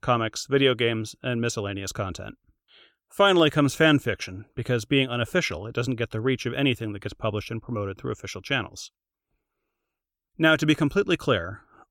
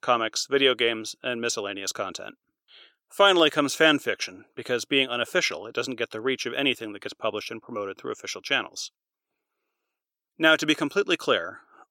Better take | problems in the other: first | thin; somewhat; fading below 350 Hz

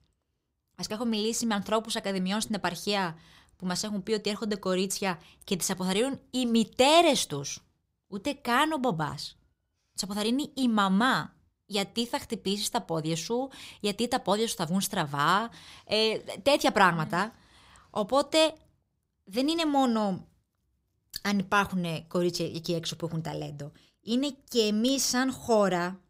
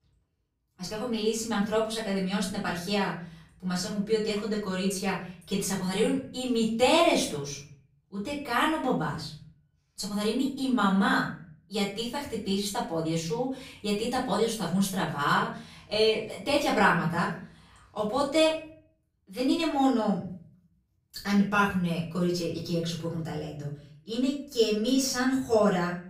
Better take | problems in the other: first | off-mic speech; far // room echo; noticeable; dies away in 0.5 s

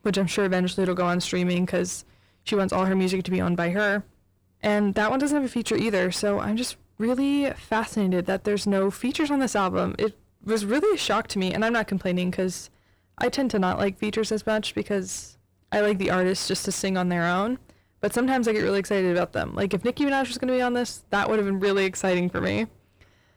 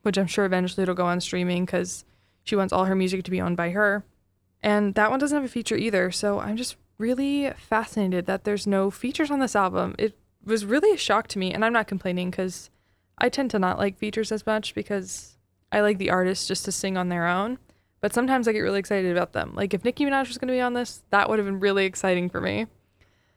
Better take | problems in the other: second | distortion; slight; 10 dB below the speech

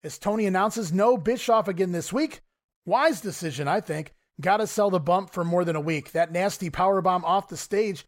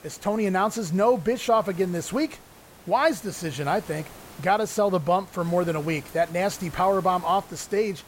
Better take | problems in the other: first | hiss; faint; throughout; 20 dB below the speech

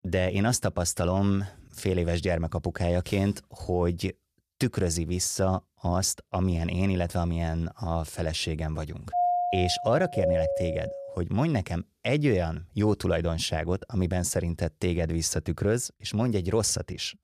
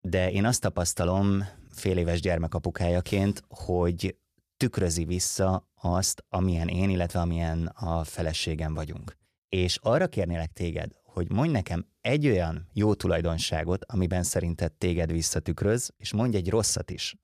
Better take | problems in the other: second | doorbell; loud; from 9 to 11 s; peak 2 dB above the speech

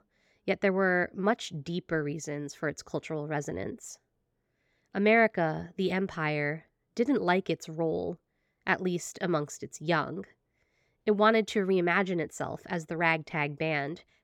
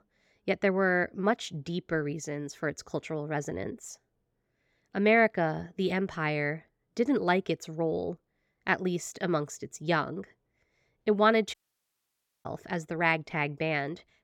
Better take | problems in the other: first | audio cutting out; at 12 s for 1 s

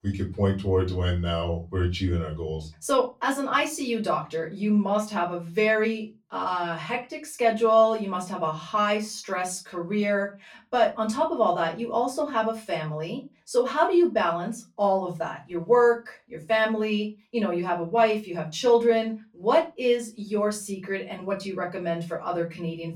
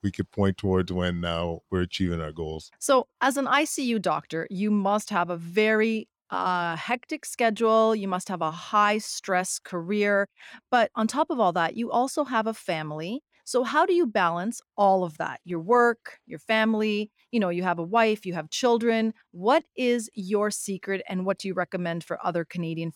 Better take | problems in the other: second | off-mic speech; far // room echo; very slight; dies away in 0.3 s

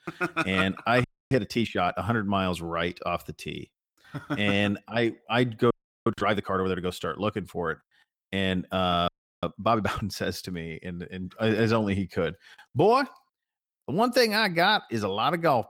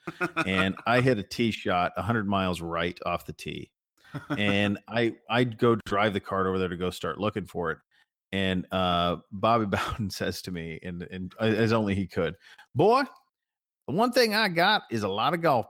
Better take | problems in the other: second | audio freezing; at 1 s, at 5.5 s and at 9 s

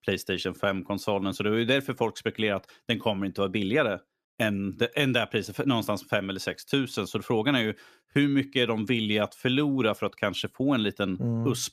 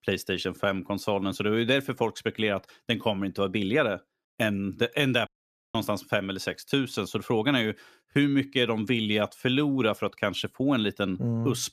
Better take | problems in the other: first | audio cutting out; at 5.5 s

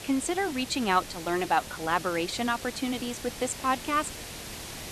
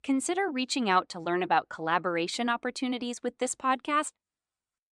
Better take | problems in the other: second | hiss; noticeable; throughout; 10 dB below the speech

